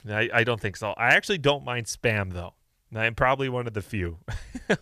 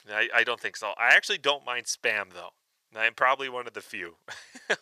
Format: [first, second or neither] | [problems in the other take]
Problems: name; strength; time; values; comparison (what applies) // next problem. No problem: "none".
first | thin; very; fading below 500 Hz